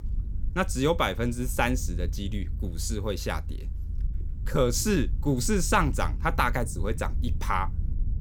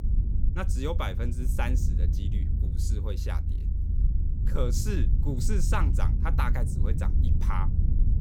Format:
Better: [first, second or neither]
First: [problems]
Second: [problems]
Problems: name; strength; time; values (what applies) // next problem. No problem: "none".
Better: first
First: low rumble; faint; throughout; 25 dB below the speech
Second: low rumble; loud; throughout; 8 dB below the speech